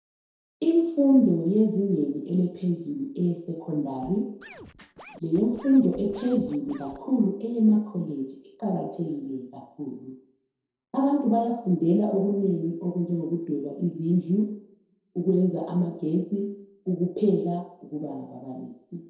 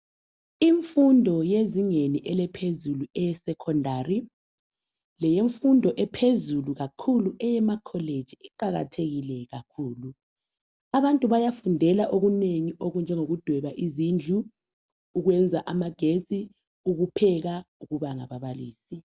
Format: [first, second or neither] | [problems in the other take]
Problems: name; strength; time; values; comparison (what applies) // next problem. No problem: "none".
second | noise reduction (neural separator model SepFormer DNS4)